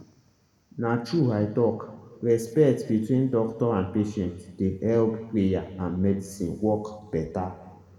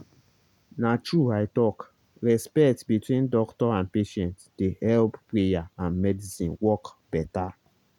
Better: second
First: room echo; dies away in 1.5 s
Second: none

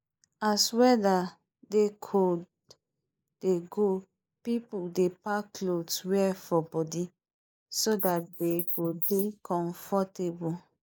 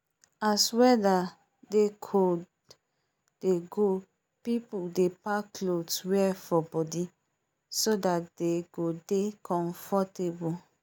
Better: second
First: noise reduction (neural mask model Resemble Enhance denoiser)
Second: none

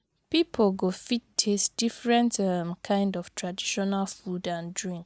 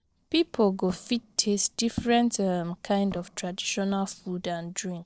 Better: first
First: none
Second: noise reduction (neural separator model SepFormer DNS4)

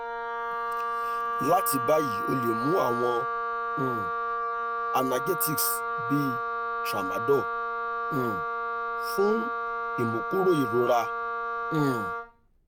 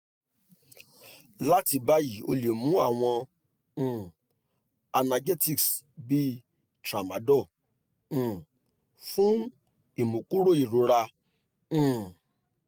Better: second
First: background sound (Wind instrument, woodwind instrument); as loud as the speech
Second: none

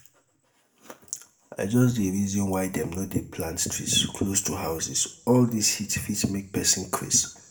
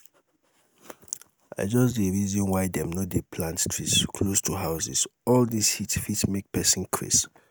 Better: second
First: room echo; dies away in 0.4 s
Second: none

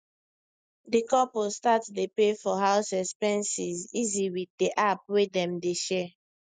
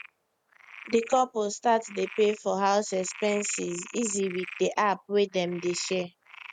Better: first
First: none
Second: background sound (Frog); 17 dB below the speech

